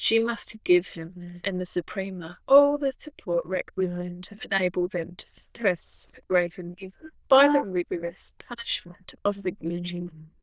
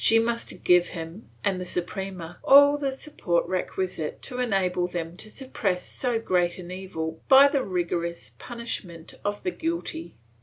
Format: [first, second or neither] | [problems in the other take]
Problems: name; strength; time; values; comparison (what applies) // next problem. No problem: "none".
second | noise reduction (neural diffusion model UNIVERSE++)